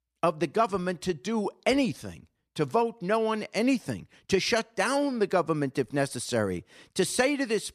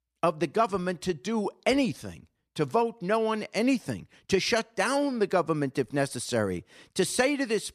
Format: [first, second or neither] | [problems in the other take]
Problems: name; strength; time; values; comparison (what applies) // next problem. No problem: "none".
neither | none